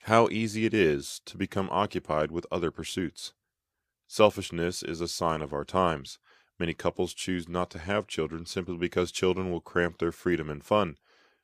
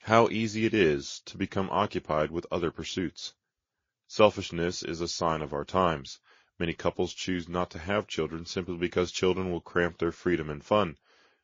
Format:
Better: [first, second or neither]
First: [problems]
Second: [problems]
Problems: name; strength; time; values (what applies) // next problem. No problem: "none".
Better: first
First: none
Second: garbled, watery; slightly; nothing above 6.5 kHz